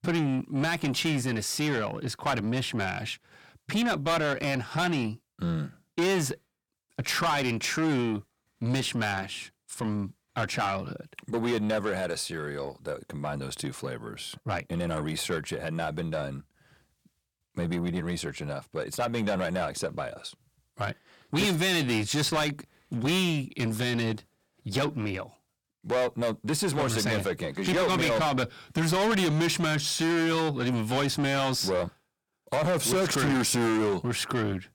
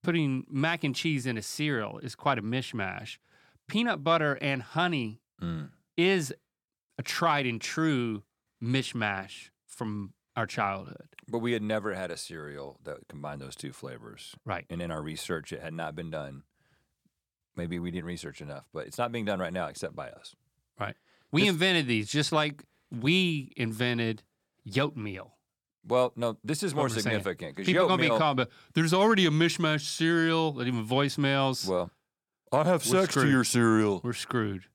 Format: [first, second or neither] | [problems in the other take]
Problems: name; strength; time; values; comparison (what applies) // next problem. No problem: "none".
second | distortion; heavy; 6 dB below the speech